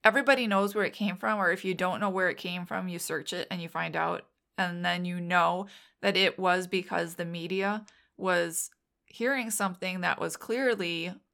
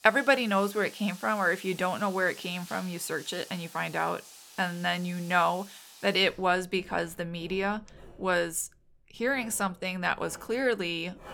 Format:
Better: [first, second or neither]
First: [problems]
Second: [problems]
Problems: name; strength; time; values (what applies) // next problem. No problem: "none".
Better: first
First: none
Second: household noises; noticeable; throughout; 20 dB below the speech